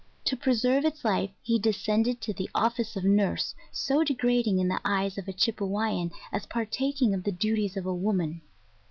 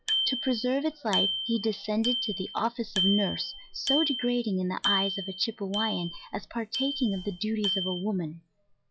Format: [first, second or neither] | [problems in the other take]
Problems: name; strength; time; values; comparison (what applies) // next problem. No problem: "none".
first | noise reduction (classical method log-MMSE)